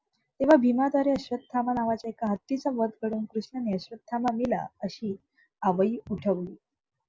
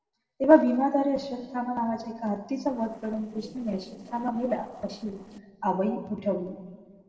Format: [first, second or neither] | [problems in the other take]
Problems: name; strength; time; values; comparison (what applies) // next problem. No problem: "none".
first | noise reduction (neural separator model SepFormer DNS4)